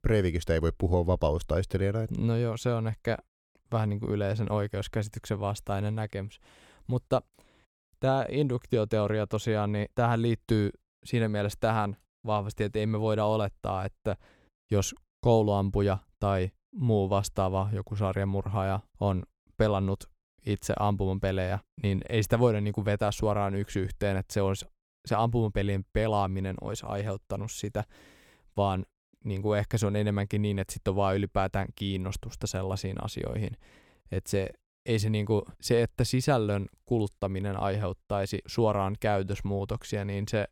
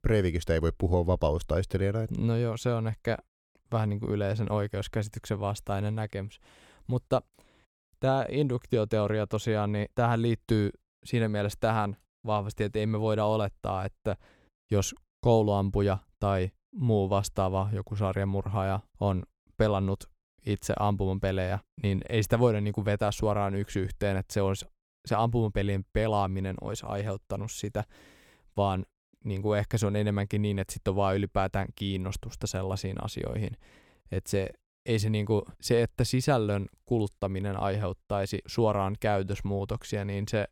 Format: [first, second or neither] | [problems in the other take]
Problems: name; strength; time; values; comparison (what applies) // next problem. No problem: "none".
neither | none